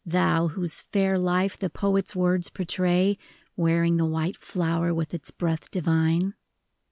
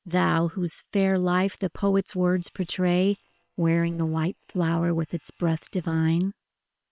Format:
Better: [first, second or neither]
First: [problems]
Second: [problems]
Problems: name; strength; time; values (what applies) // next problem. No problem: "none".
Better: first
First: none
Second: noise reduction (neural separator model SepFormer WHAM!)